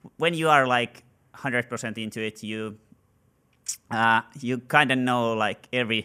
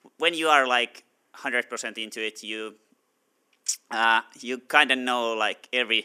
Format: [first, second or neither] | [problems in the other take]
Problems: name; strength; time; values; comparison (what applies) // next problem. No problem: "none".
first | thin; somewhat; fading below 300 Hz